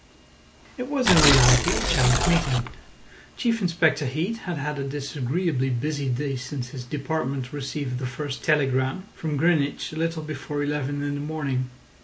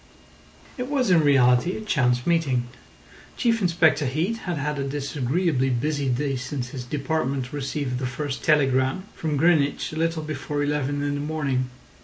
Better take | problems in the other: second | background sound (Tearing); 2 dB above the speech

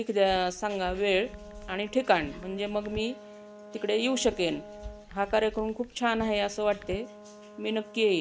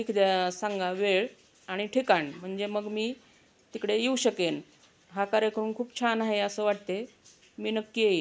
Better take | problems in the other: second | background sound (Brass instrument + Chatter / Chirp, tweet / Car passing by / Typing); 16 dB below the speech

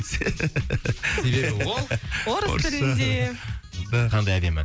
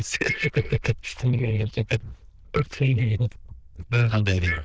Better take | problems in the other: first | noise reduction (neural diffusion model UNIVERSE++)

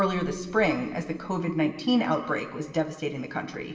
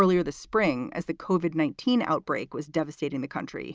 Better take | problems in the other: second | room echo; dies away in 1.4 s

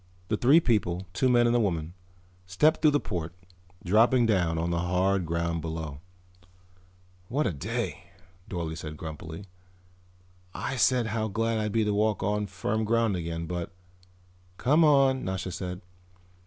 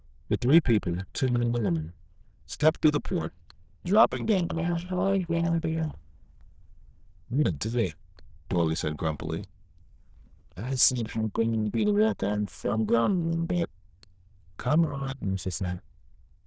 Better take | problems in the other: first | noise reduction (neural diffusion model UNIVERSE++)

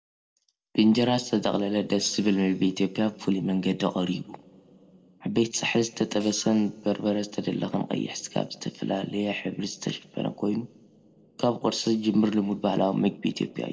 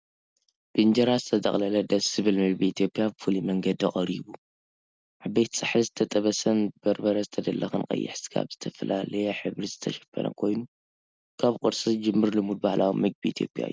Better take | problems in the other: second | noise reduction (neural separator model SepFormer DNS4)

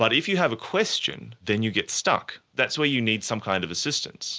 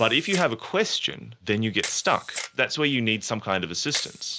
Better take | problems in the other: first | background sound (Camera); 14 dB below the speech

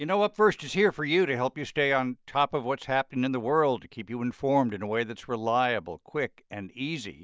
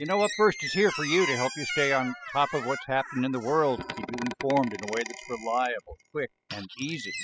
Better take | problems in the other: first | noise reduction (classical method spectral subtraction)

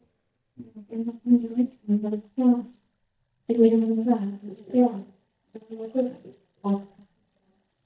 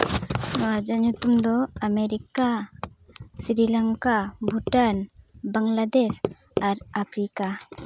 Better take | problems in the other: second | noise reduction (neural mask model DeepFilterNet 3)

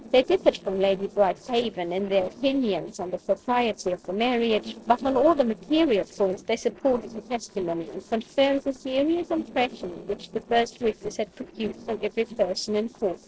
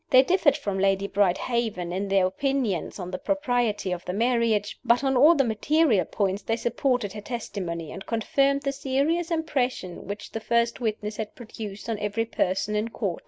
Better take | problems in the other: second | noise reduction (neural separator model SepFormer DNS4)

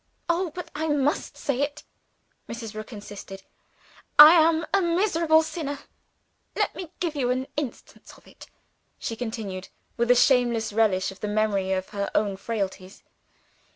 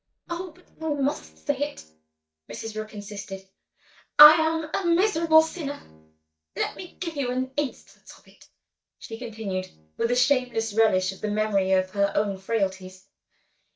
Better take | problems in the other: first | noise reduction (neural mask model DeepFilterNet 3)

